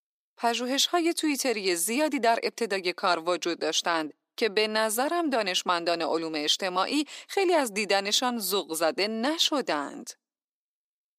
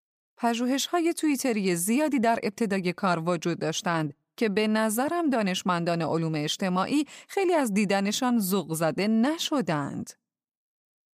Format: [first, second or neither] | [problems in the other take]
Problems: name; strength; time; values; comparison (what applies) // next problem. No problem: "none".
second | thin; somewhat; fading below 300 Hz